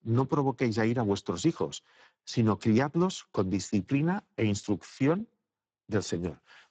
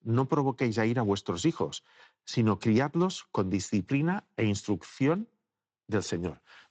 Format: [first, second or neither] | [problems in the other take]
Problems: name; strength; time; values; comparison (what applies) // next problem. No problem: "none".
second | garbled, watery; badly; nothing above 7.5 kHz; slightly in the second